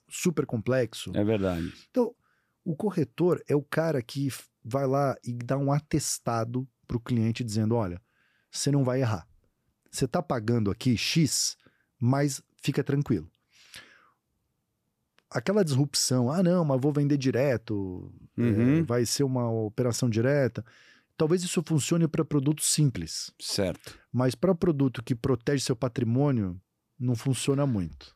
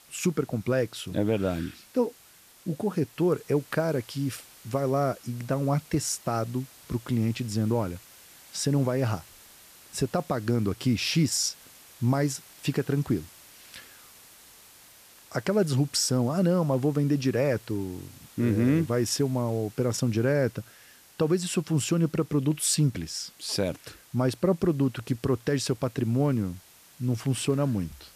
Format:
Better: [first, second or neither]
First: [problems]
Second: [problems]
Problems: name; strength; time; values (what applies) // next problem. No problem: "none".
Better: first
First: none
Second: hiss; faint; throughout; 25 dB below the speech